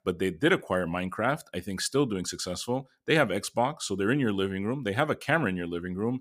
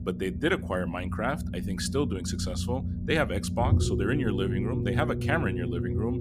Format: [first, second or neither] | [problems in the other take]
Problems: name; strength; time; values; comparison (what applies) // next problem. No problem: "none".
first | low rumble; loud; throughout; 8 dB below the speech